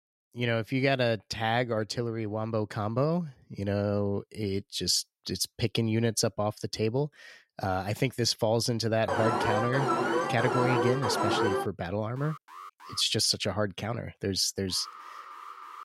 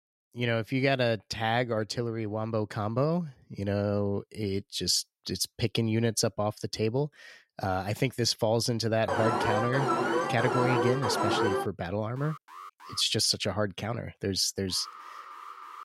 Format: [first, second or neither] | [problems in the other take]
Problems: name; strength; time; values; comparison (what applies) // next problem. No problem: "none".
neither | alarm; loud; from 9 to 12 s; peak 2 dB above the speech; the same in both // alarm; faint; at 12 s and from 15 s on; peak 15 dB below the speech; the same in both